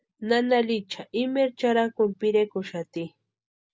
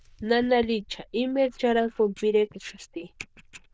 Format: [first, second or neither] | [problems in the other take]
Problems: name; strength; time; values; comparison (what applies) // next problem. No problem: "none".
first | noise reduction (neural diffusion model UNIVERSE++)